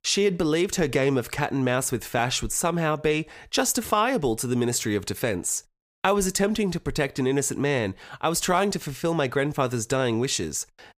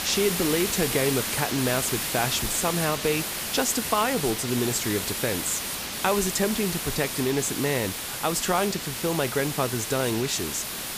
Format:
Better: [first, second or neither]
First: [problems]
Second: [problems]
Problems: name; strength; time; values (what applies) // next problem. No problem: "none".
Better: first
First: none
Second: hiss; loud; throughout; 2 dB below the speech